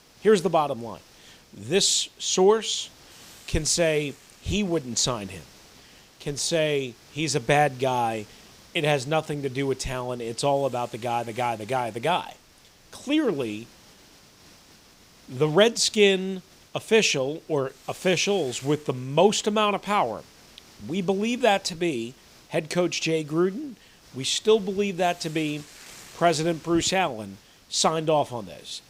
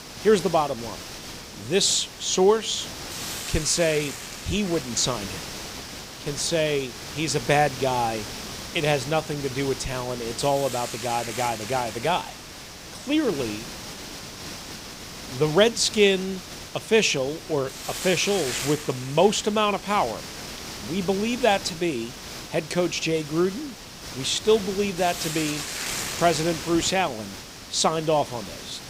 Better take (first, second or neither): first